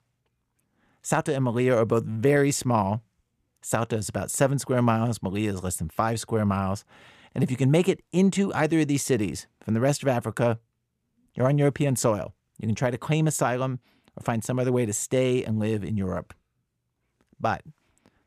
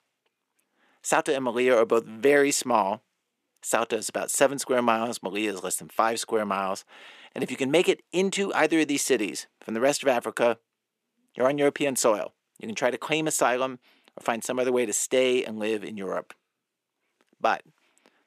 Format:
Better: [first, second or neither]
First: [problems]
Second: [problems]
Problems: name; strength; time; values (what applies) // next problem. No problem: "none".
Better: first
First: none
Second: thin; somewhat; fading below 300 Hz